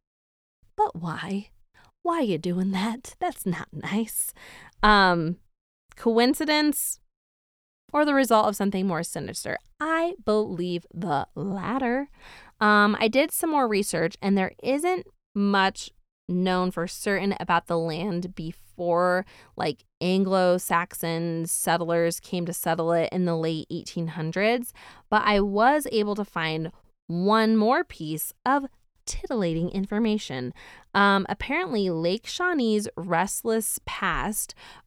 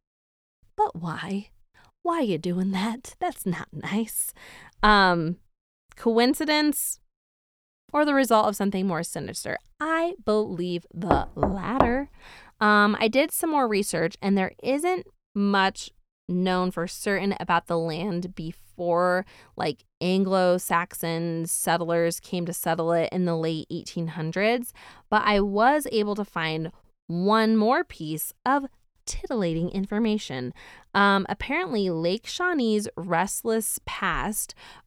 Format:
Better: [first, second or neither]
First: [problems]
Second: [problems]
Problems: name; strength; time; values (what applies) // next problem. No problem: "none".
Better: first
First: none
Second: door banging; noticeable; at 11 s; peak level with the speech